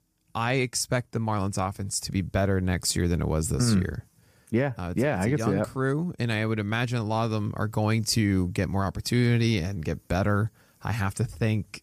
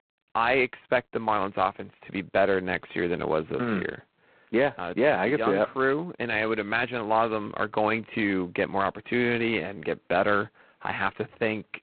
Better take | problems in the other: first | phone-call audio; poor line; nothing above 4 kHz

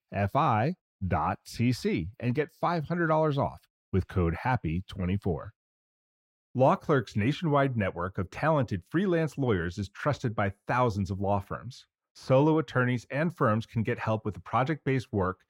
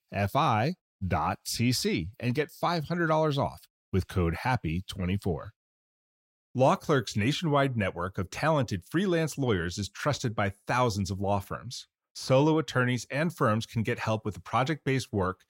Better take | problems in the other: second | muffled; slightly; fading above 3 kHz

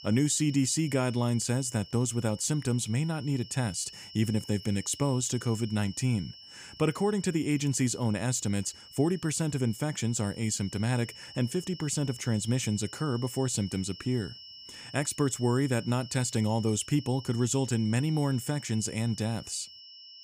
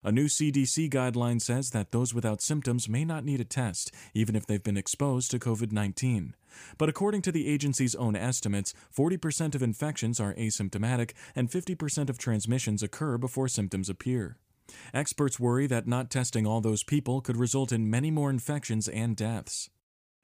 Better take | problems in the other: second | high-pitched whine; noticeable; throughout; 5.5 kHz, 15 dB below the speech

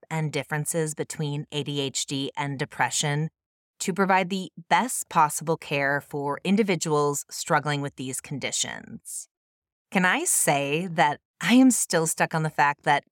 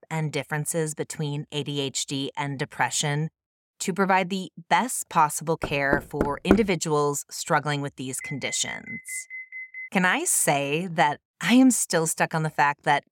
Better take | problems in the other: first | door banging; loud; at 5.5 s; peak level with the speech // alarm; faint; from 8 to 10 s; peak 10 dB below the speech

